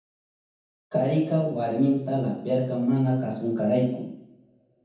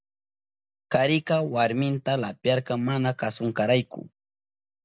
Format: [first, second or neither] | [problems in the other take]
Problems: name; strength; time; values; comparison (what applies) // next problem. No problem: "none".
second | room echo; dies away in 0.9 s